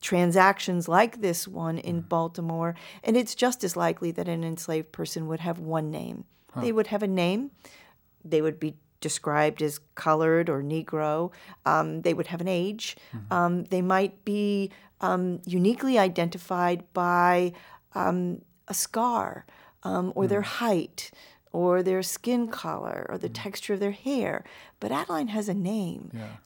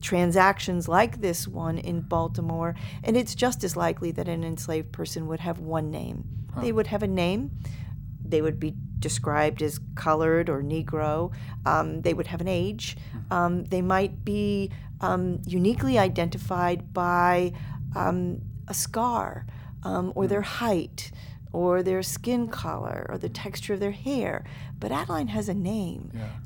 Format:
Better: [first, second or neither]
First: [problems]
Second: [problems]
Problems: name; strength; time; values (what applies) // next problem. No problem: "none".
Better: first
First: none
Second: low rumble; faint; throughout; 20 dB below the speech